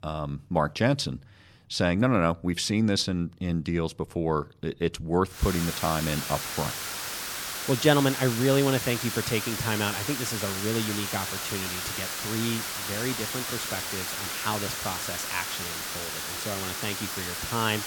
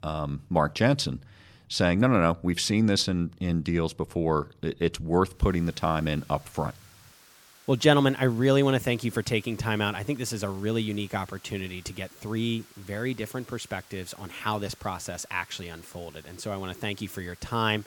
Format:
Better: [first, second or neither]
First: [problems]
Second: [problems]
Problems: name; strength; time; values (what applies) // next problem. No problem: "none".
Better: second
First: hiss; loud; from 5.5 s on; 3 dB below the speech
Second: hiss; faint; from 5.5 s on; 25 dB below the speech